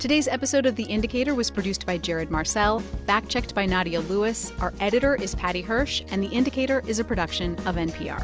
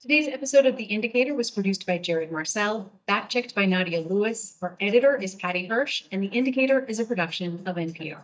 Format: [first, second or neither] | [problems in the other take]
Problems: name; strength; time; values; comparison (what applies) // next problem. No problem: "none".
first | noise reduction (neural mask model DeepFilterNet 3)